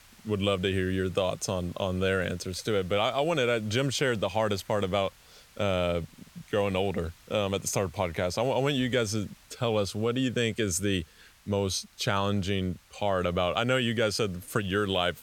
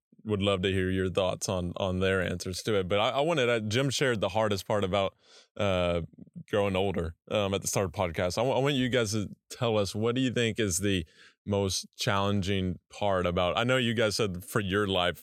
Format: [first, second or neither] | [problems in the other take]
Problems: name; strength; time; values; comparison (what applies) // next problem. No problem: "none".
second | hiss; faint; throughout; 25 dB below the speech